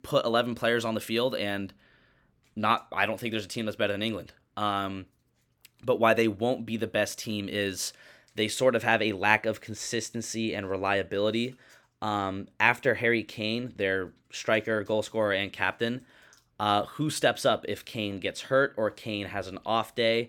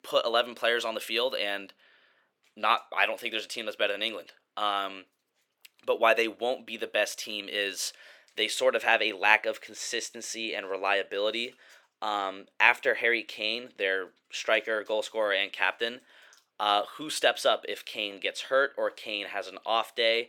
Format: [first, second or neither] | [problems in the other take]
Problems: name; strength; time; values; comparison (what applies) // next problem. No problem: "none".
first | thin; somewhat; fading below 500 Hz